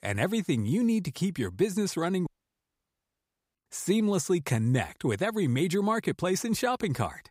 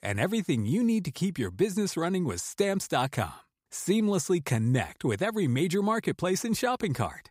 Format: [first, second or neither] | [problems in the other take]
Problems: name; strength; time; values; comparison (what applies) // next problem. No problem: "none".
second | audio cutting out; at 2.5 s for 1.5 s